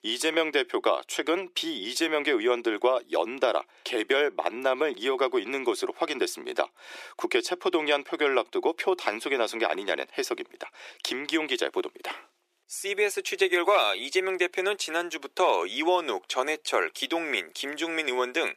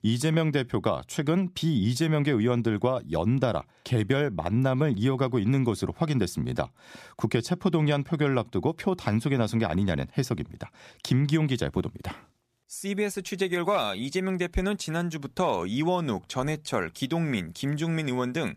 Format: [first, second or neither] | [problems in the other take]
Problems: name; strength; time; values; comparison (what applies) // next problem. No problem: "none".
second | thin; very; fading below 350 Hz